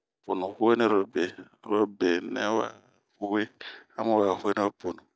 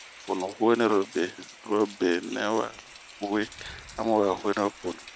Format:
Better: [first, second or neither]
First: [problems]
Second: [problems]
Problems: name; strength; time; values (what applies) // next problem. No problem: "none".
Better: first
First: none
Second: background sound (Rain); 18 dB below the speech